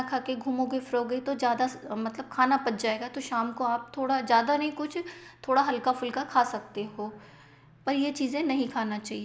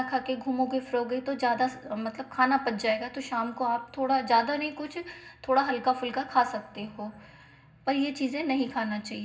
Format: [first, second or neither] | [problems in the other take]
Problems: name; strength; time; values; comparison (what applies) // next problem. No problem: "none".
first | room echo; dies away in 0.4 s